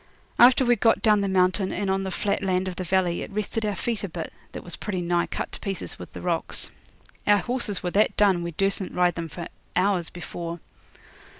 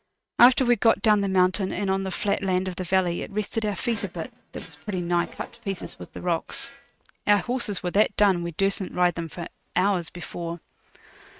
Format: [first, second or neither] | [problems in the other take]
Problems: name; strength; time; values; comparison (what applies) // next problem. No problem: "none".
first | noise reduction (neural mask model RNNoise)